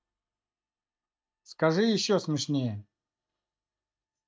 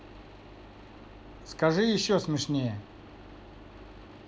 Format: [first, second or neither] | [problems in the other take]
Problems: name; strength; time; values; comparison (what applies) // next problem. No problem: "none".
second | noise reduction (neural mask model DeepFilterNet 3)